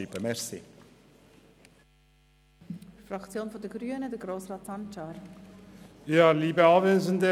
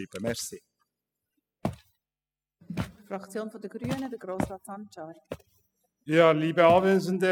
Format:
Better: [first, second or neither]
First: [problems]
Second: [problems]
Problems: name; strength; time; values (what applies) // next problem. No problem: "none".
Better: first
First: none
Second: noise reduction (classical method spectral subtraction)